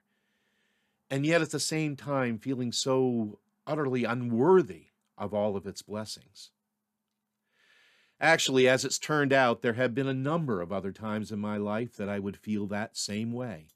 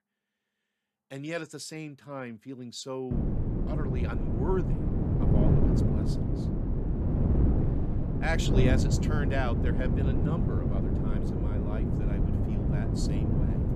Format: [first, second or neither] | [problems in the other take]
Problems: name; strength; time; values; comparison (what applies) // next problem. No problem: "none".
first | wind noise on the microphone; heavy; from 3 s on; 1 dB above the speech